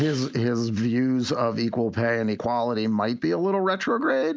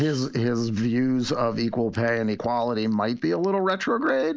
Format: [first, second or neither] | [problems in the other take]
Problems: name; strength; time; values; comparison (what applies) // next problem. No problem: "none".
first | noise reduction (neural mask model Resemble Enhance denoiser)